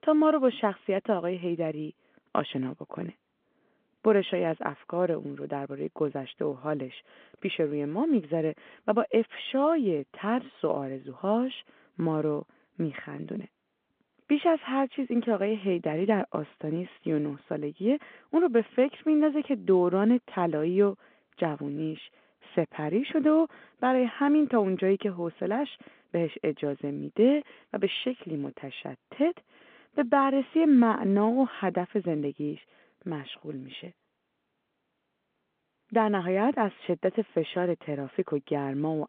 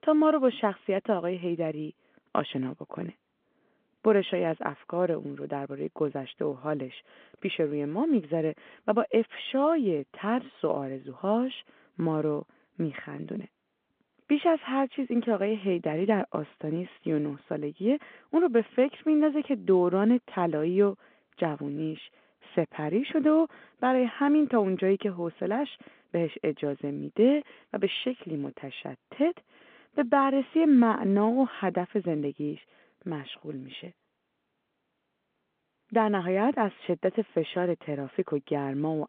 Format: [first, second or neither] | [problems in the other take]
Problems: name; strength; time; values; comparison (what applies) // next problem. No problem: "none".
neither | phone-call audio; the same in both